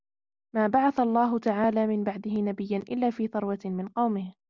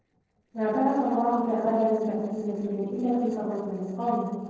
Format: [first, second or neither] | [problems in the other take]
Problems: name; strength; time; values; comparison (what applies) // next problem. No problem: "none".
first | noise reduction (neural separator model SepFormer DNS4)